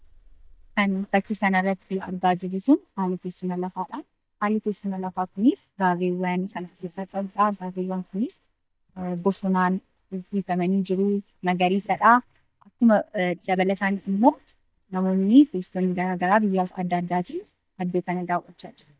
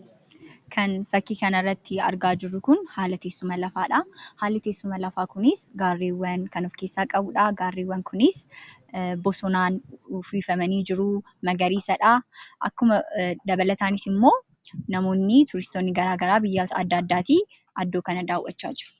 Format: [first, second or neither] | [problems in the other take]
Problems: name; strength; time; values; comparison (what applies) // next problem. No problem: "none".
second | noise reduction (neural mask model DeepFilterNet 3)